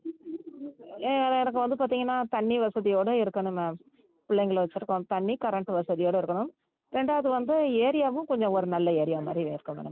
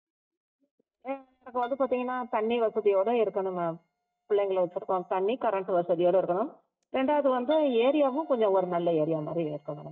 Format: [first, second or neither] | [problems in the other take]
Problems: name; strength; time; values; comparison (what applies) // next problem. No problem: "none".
first | noise reduction (neural mask model DeepFilterNet 3)